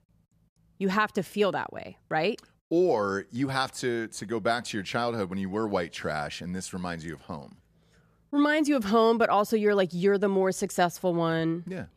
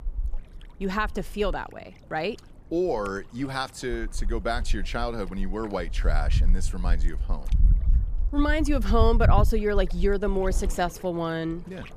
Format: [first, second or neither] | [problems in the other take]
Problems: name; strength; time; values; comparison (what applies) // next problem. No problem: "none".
first | wind noise on the microphone; occasional gusts; 20 dB below the speech